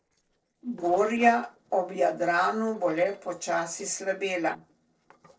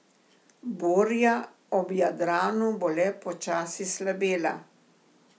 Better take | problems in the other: second | noise reduction (neural separator model SepFormer DNS4)

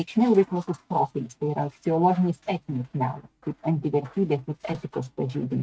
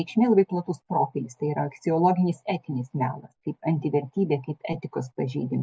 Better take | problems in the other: second | noise reduction (neural mask model RNNoise)

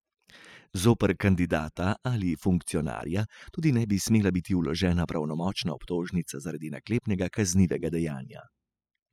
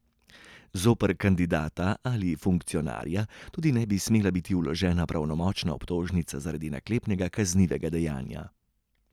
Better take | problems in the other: second | noise reduction (classical method spectral subtraction)

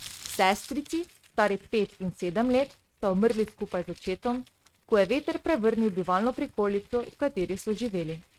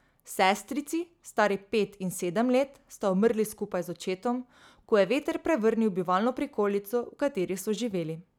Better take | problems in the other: second | noise reduction (neural mask model RNNoise)

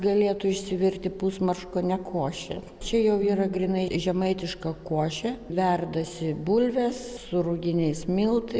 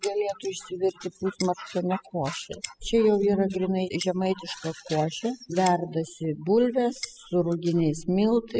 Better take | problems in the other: first | noise reduction (classical method spectral subtraction)

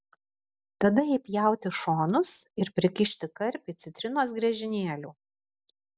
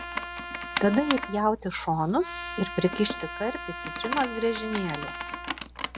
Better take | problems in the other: first | background sound (Trumpet + Computer keyboard); 6 dB below the speech

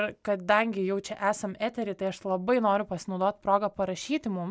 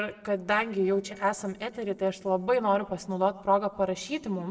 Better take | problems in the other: first | noise reduction (neural separator model SepFormer DNS4)

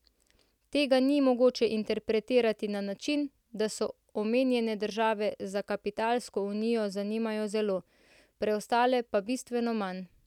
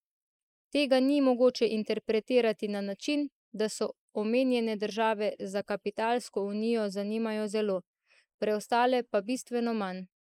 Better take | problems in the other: first | noise reduction (neural mask model Resemble Enhance denoiser)

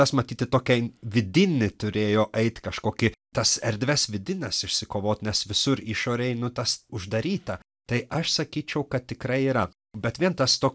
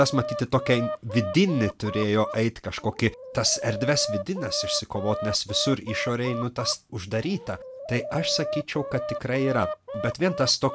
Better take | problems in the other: first | background sound (Chicken, rooster); 8 dB below the speech

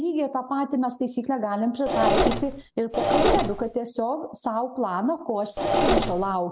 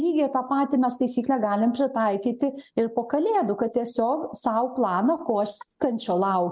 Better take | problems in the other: second | background sound (Engine / Mechanisms); 3 dB above the speech

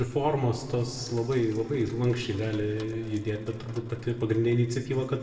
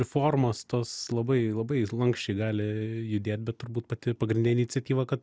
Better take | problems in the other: second | background sound (Sink (filling or washing)); 20 dB below the speech // room echo; dies away in 2 s

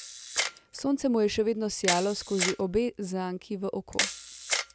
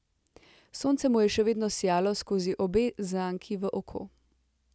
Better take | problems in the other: second | background sound (Camera); 5 dB below the speech

